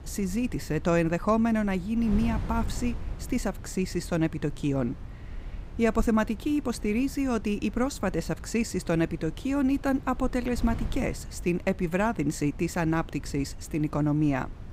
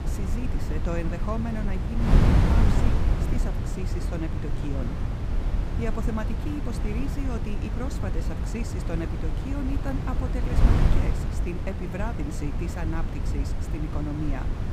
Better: first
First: wind noise on the microphone; occasional gusts; 20 dB below the speech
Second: wind noise on the microphone; heavy; 1 dB above the speech

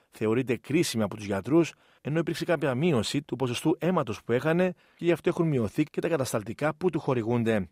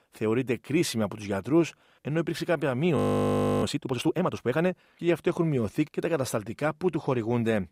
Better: first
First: none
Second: audio freezing; at 3 s for 0.5 s

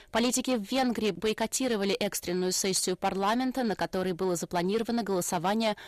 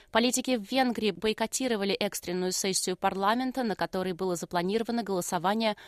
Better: second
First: distortion; slight; 10 dB below the speech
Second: none

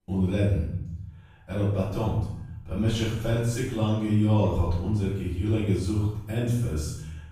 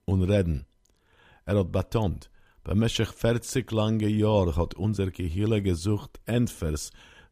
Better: second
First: off-mic speech; far // room echo; strong; dies away in 0.8 s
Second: none

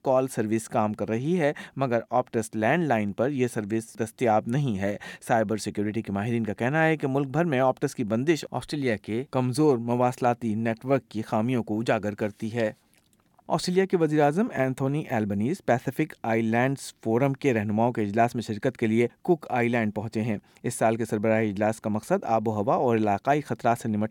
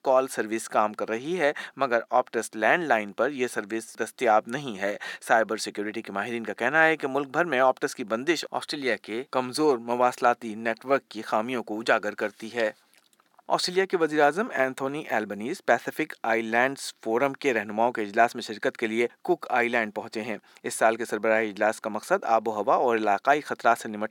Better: first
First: none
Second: thin; somewhat; fading below 350 Hz

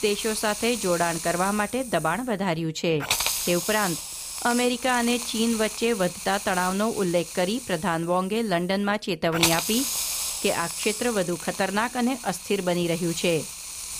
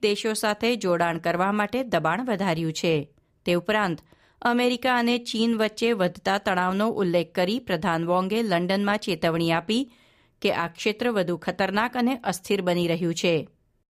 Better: second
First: hiss; loud; throughout; 4 dB below the speech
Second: none

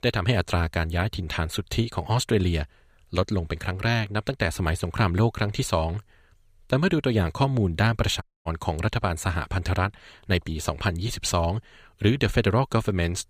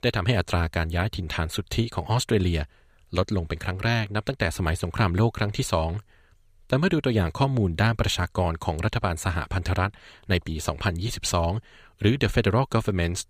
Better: second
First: audio cutting out; at 8 s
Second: none

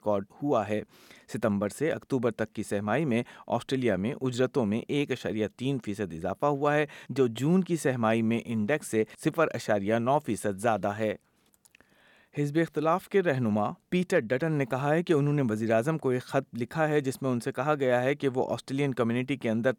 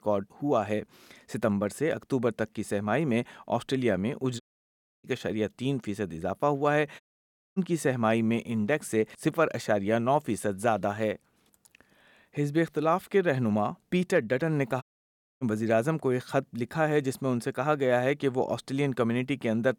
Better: first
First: none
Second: audio cutting out; at 4.5 s for 0.5 s, at 7 s for 0.5 s and at 15 s for 0.5 s

